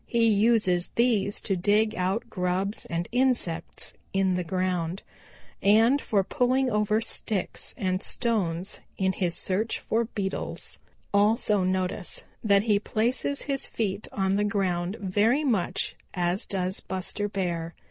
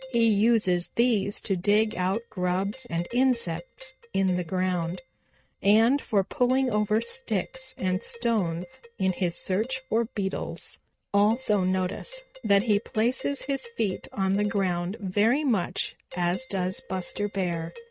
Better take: first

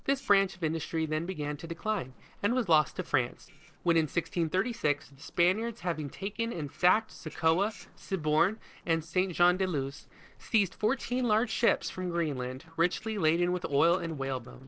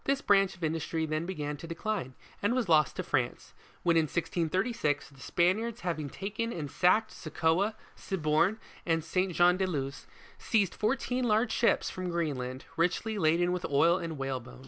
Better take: second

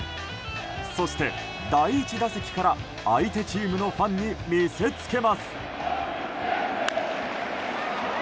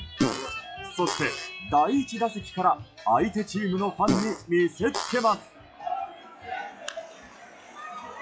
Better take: first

